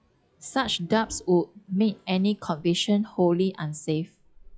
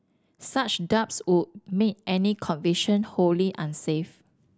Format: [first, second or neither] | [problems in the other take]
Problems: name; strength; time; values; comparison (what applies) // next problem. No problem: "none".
second | noise reduction (classical method log-MMSE)